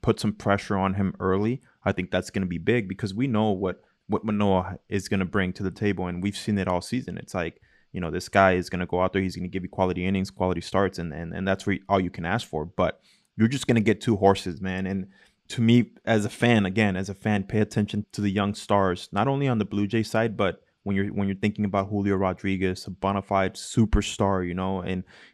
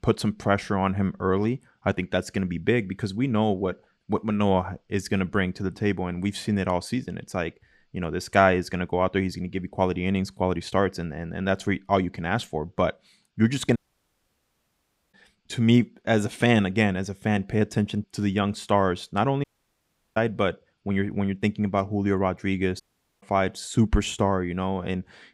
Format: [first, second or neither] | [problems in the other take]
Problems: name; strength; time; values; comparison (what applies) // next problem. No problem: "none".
first | audio cutting out; at 14 s for 1.5 s, at 19 s for 0.5 s and at 23 s